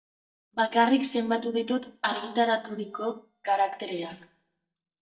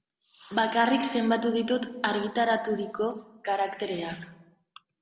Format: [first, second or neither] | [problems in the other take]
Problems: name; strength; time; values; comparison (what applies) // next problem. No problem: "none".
second | noise reduction (neural mask model DeepFilterNet 3)